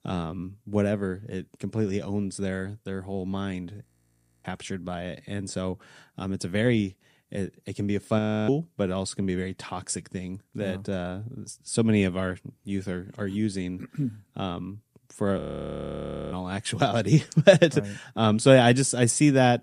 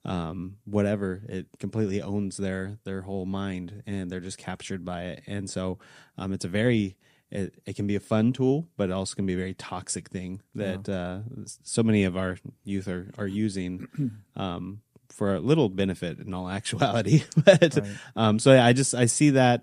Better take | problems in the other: second | audio freezing; at 4 s for 0.5 s, at 8 s and at 15 s for 1 s

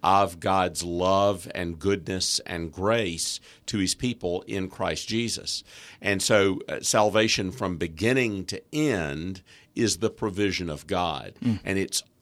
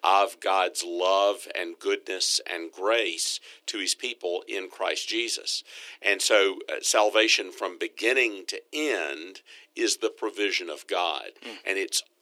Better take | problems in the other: first | thin; very; fading below 350 Hz

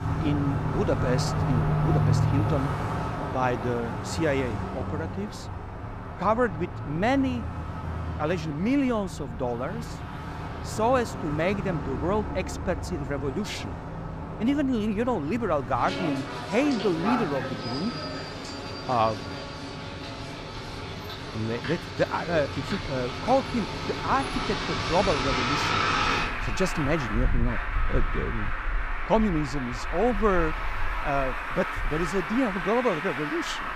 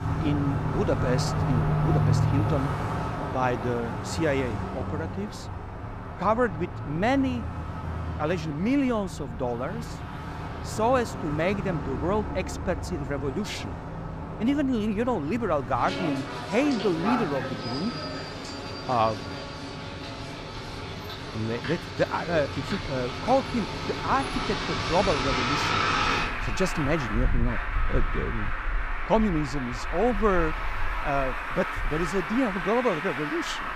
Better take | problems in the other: neither | traffic noise; loud; throughout; 3 dB below the speech; the same in both

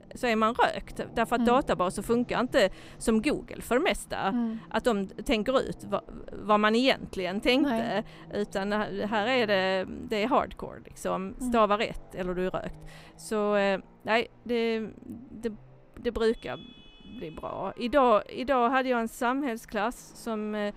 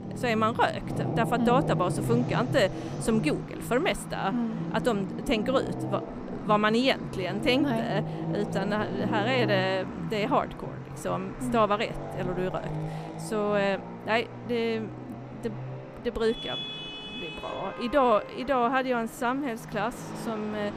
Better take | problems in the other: first | traffic noise; loud; throughout; 7 dB below the speech; faint in the first

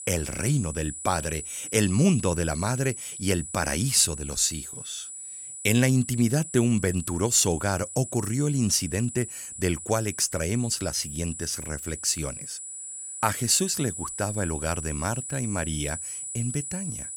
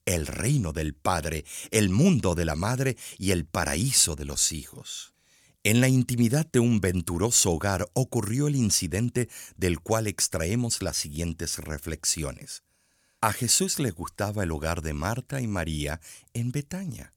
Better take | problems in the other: second | high-pitched whine; loud; throughout; 8 kHz, 9 dB below the speech

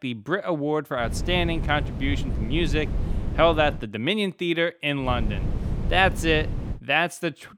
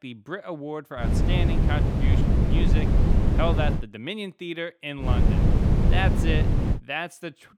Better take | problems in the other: first | wind noise on the microphone; heavy; from 1 to 4 s and from 5 to 7 s; 1 dB below the speech; occasional gusts in the first

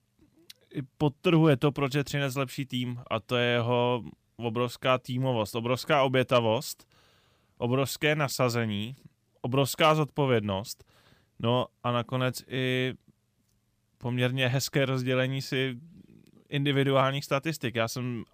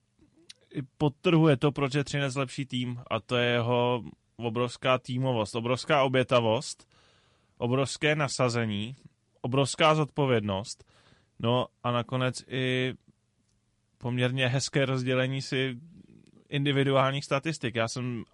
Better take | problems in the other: first | garbled, watery; slightly; nothing above 9 kHz

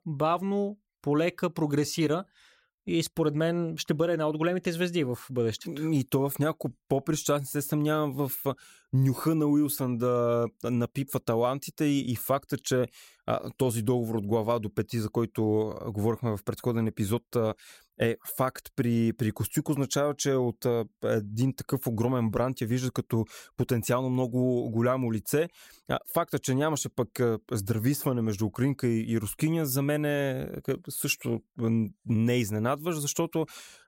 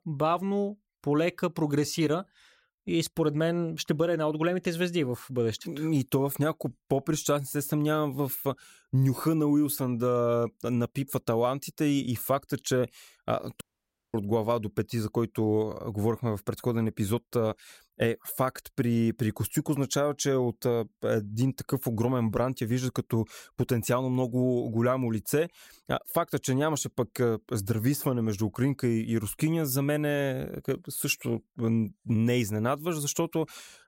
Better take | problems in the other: first | audio cutting out; at 14 s for 0.5 s

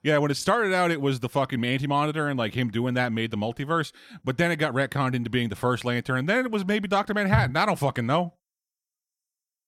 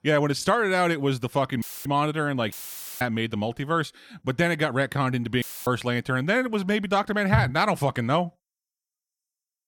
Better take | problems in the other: first | audio cutting out; filled with static; at 1.5 s, at 2.5 s and at 5.5 s

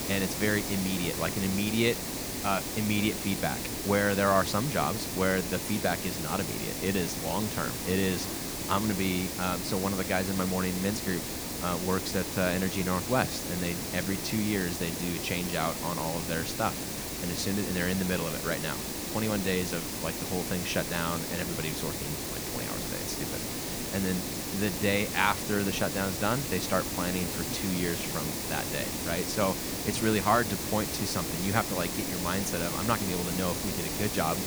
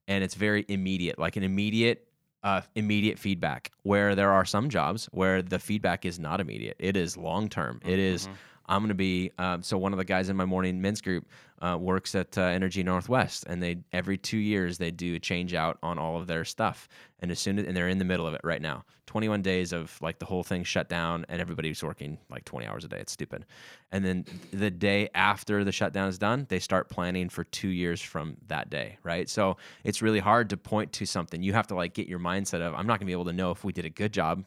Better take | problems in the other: second | hiss; loud; throughout; 2 dB below the speech

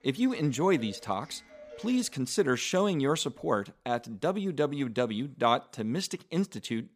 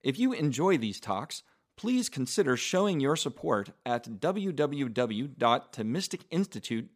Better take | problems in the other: second | household noises; faint; until 4.5 s; 20 dB below the speech

